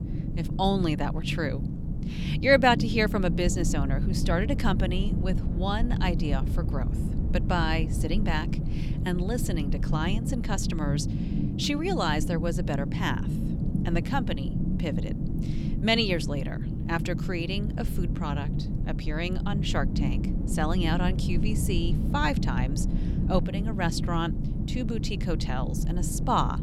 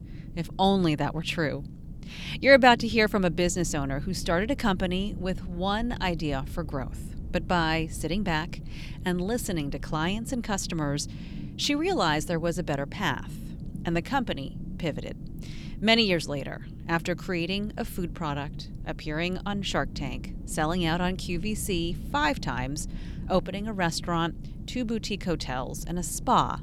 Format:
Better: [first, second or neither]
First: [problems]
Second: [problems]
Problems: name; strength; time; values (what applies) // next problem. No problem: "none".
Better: second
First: low rumble; loud; throughout; 9 dB below the speech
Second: low rumble; faint; throughout; 20 dB below the speech